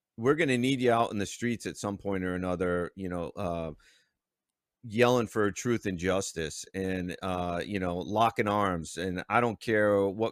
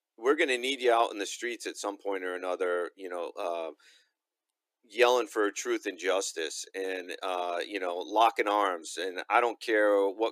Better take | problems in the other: first | thin; very; fading below 300 Hz

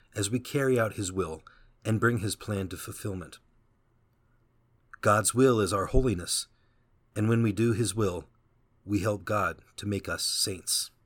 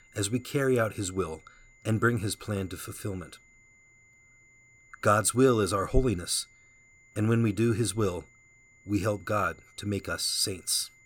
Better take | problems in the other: first | high-pitched whine; faint; throughout; 2 kHz, 30 dB below the speech

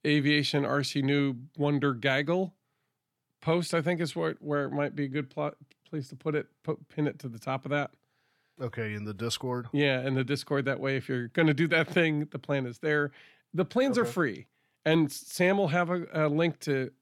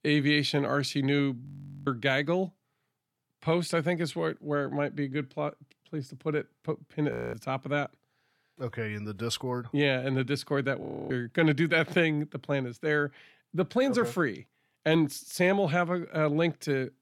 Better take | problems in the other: first | audio freezing; at 1.5 s, at 7 s and at 11 s

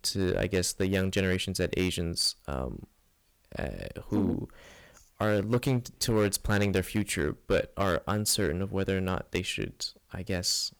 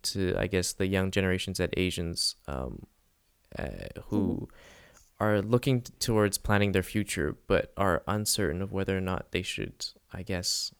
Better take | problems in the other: second | distortion; slight; 3% of the sound clipped

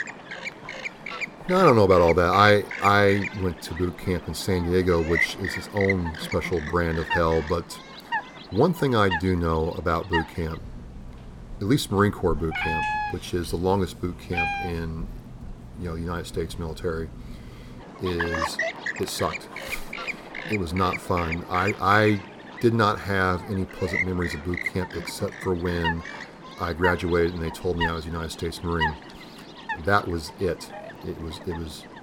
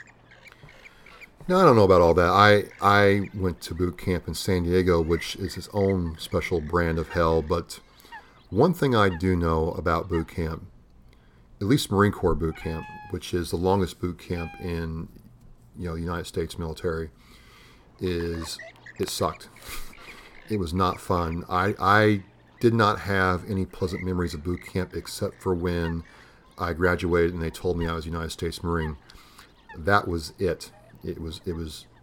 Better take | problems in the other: second | animal sounds; loud; throughout; 7 dB below the speech; faint in the second

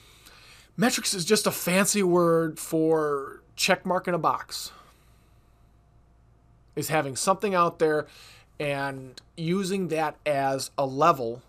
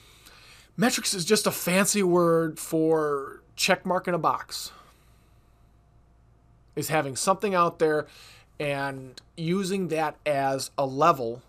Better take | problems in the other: neither | none

